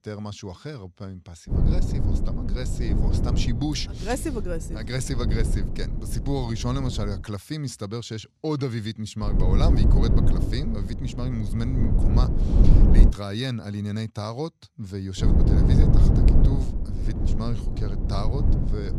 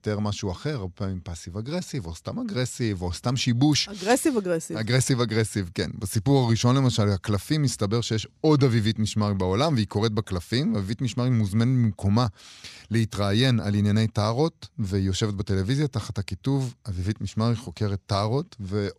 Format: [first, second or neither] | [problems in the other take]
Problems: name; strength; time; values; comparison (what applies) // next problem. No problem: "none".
second | low rumble; loud; from 1.5 to 7 s, from 9 to 13 s and from 15 s on; 1 dB below the speech